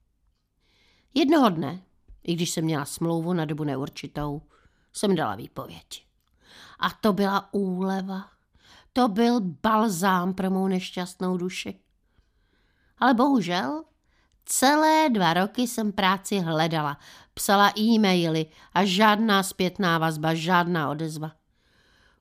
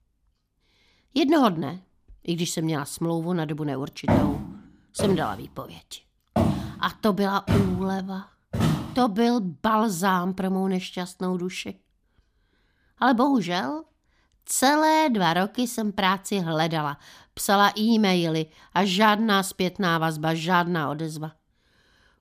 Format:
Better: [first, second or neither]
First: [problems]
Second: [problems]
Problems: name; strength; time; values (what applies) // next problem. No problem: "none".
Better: first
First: none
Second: footsteps; loud; from 4 to 9 s; peak 2 dB above the speech